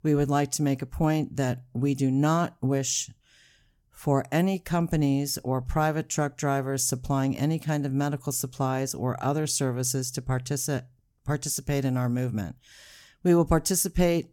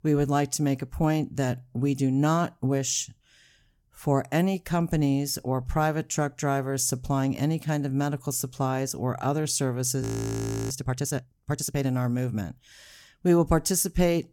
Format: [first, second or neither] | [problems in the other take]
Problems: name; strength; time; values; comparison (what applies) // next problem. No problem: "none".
first | audio freezing; at 10 s for 0.5 s